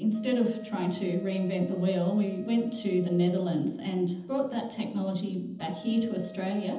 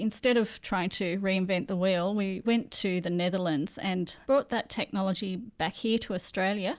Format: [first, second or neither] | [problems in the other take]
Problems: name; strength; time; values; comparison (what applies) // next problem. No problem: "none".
second | background sound (Wind instrument, woodwind instrument); 20 dB below the speech // room echo; dies away in 0.8 s